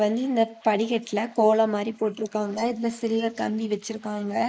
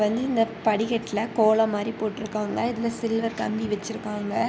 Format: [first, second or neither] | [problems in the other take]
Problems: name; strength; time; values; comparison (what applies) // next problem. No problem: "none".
second | noise reduction (neural mask model Resemble Enhance denoiser)